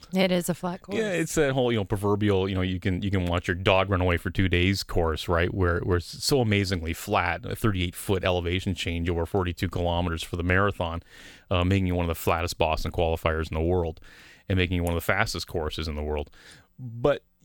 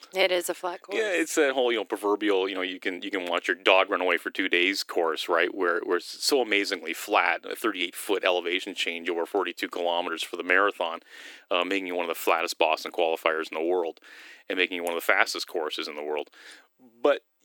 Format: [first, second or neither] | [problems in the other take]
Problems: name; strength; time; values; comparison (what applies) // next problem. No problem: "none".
first | thin; somewhat; fading below 300 Hz